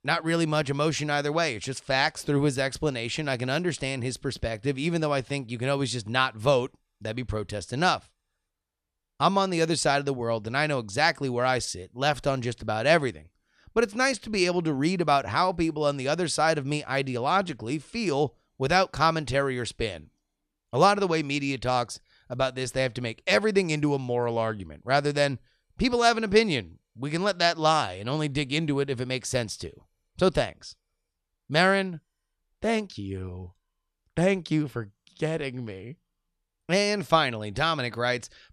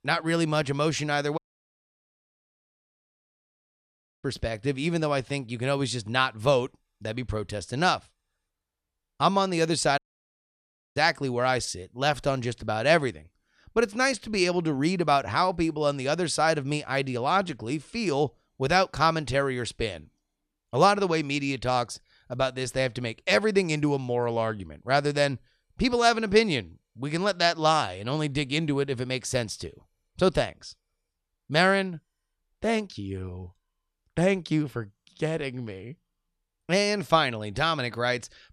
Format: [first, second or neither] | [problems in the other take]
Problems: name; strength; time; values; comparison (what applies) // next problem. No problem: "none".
first | audio cutting out; at 1.5 s for 3 s and at 10 s for 1 s